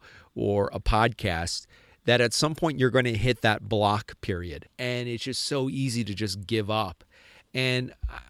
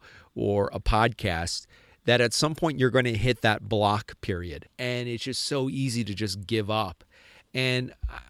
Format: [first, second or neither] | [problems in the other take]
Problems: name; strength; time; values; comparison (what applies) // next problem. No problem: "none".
neither | none